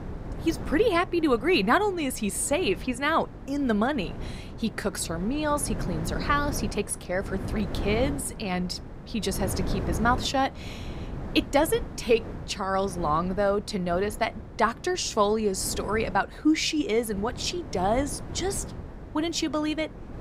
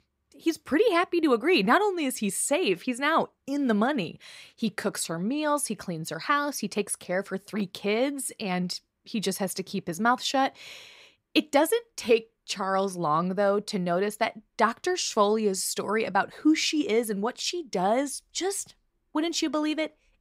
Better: second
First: wind noise on the microphone; occasional gusts; 15 dB below the speech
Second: none

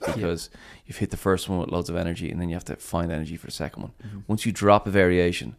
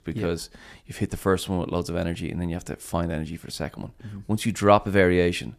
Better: second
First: dog barking; noticeable; at the start; peak 8 dB below the speech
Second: none

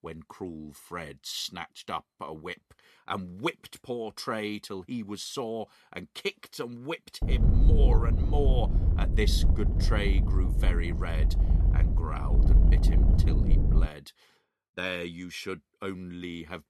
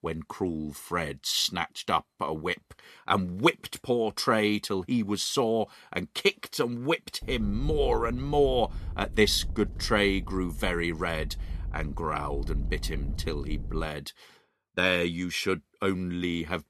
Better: second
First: low rumble; loud; from 7 to 14 s; 5 dB below the speech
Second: low rumble; faint; from 7 to 14 s; 25 dB below the speech

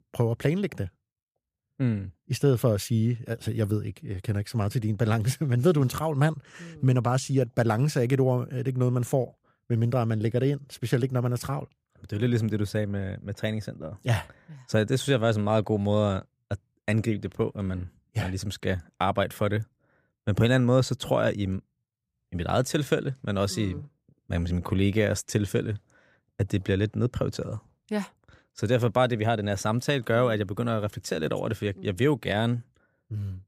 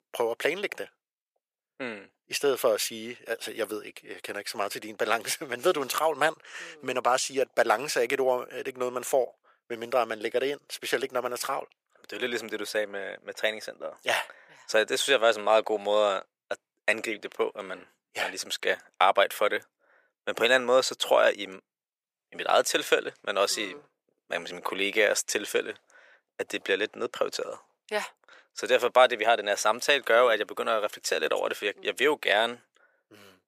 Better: first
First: none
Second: thin; very; fading below 500 Hz

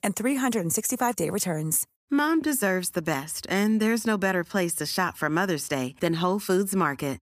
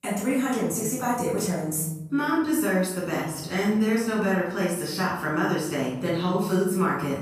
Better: first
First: none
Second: off-mic speech; far // room echo; noticeable; dies away in 1 s

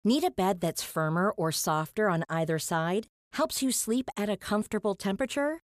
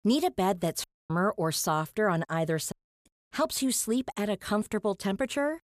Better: first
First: none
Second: audio cutting out; at 1 s and at 2.5 s

